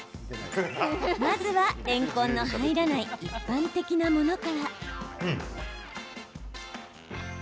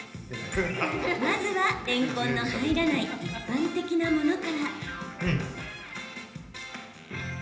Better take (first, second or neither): first